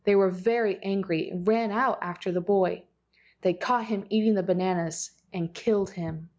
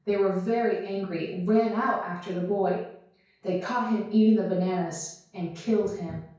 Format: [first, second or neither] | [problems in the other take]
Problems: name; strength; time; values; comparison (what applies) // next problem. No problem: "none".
first | room echo; dies away in 0.5 s